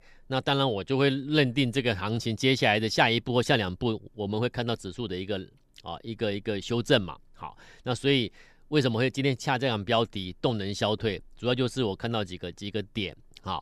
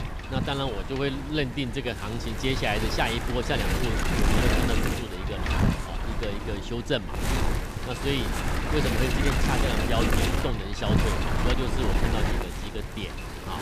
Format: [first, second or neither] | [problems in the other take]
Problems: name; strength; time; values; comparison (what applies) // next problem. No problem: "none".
first | wind noise on the microphone; heavy; 1 dB above the speech